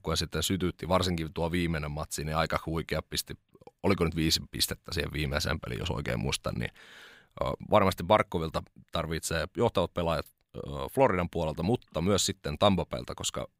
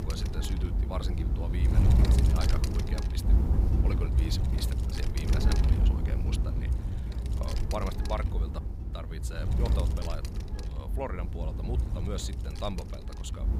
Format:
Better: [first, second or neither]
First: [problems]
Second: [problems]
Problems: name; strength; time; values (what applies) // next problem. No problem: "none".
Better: first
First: none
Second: wind noise on the microphone; heavy; 1 dB below the speech